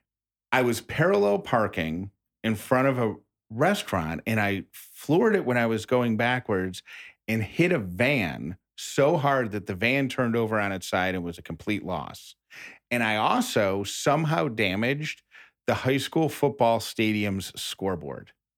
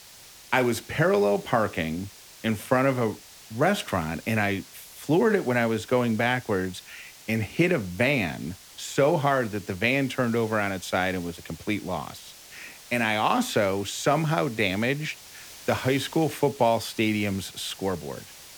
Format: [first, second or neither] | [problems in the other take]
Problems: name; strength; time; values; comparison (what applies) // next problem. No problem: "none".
first | hiss; noticeable; throughout; 20 dB below the speech